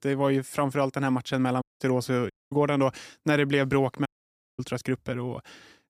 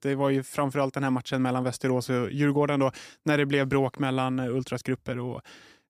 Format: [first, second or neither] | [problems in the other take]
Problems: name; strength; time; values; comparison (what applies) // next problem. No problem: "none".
second | audio cutting out; at 1.5 s, at 2.5 s and at 4 s for 0.5 s